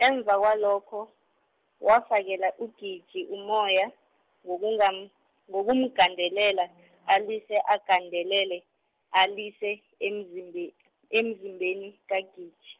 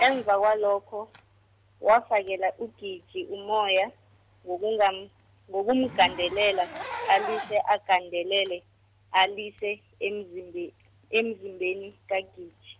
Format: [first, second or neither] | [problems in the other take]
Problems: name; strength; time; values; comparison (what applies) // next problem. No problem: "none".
first | background sound (Zipper (clothing)); 16 dB below the speech